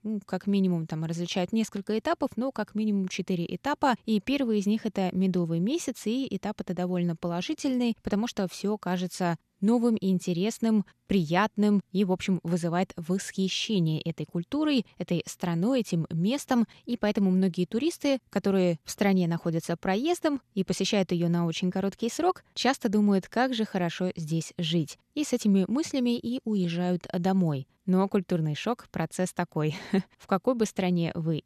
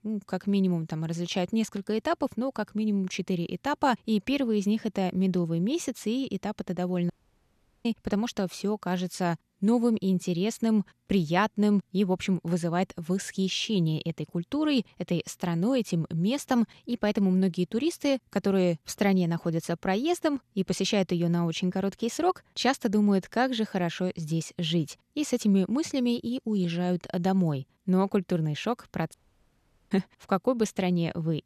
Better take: first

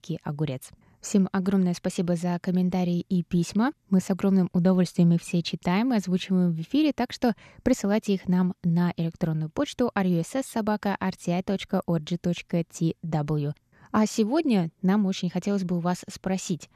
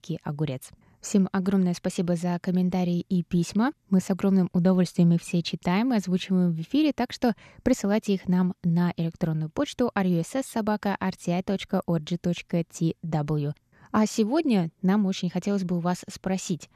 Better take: neither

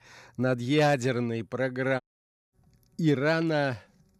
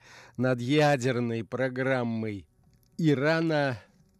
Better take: second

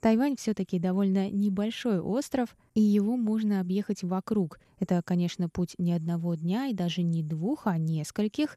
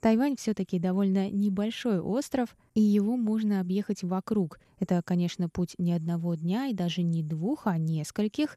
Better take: neither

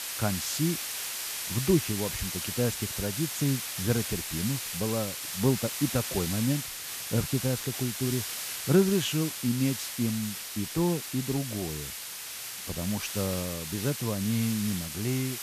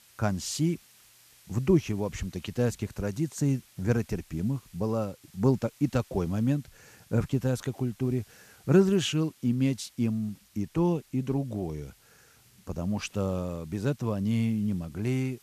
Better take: second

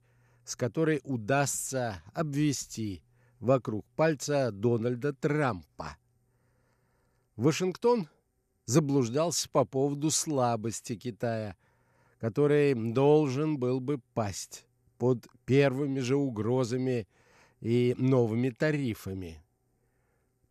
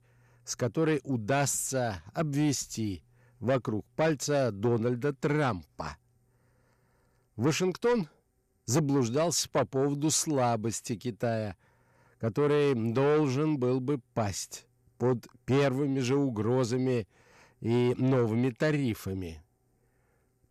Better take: first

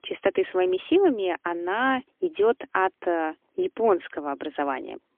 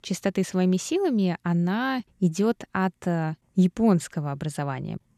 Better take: second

